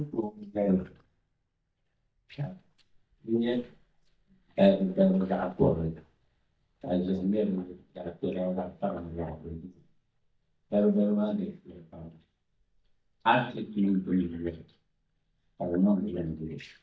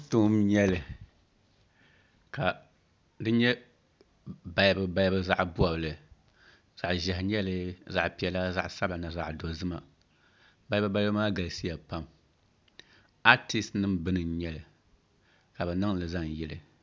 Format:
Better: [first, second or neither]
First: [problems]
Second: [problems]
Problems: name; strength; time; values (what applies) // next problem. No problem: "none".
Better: second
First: noise reduction (neural mask model DeepFilterNet 3)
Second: none